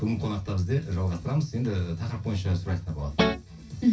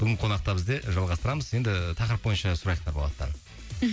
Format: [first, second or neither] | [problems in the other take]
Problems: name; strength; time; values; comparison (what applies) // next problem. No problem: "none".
second | background sound (Guitar); 1 dB above the speech // room echo; dies away in 0.3 s